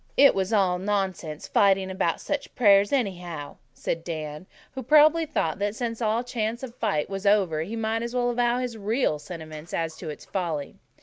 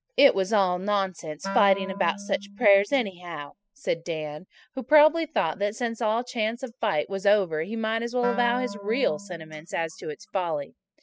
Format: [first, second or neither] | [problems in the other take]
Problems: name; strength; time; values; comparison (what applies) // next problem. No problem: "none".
first | noise reduction (classical method spectral subtraction)